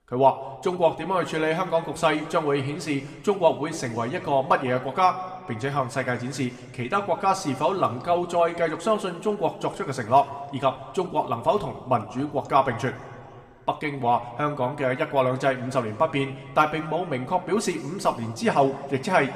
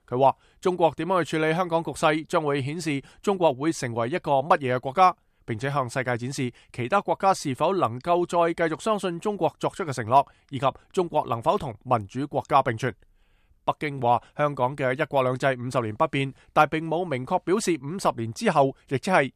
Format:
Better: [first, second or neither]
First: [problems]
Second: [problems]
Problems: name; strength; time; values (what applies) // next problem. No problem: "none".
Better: second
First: room echo; very slight; dies away in 1.4 s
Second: none